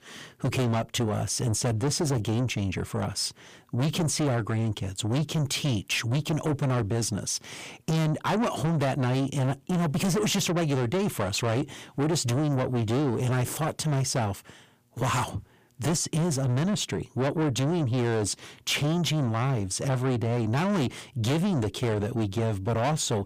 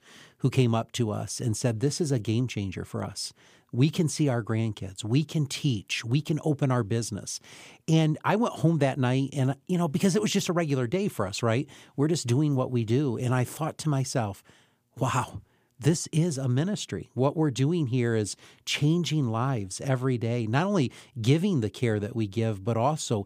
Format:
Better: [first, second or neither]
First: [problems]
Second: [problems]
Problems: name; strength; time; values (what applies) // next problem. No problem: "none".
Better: second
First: distortion; heavy; 6 dB below the speech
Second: none